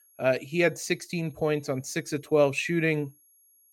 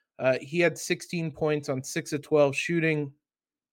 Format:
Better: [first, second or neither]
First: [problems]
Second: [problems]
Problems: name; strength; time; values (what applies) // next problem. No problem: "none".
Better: second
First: high-pitched whine; faint; throughout; 11.5 kHz, 30 dB below the speech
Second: none